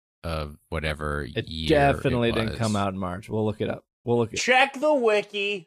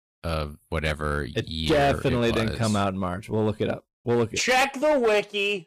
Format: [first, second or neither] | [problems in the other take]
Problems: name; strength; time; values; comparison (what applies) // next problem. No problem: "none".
first | distortion; slight; 7% of the sound clipped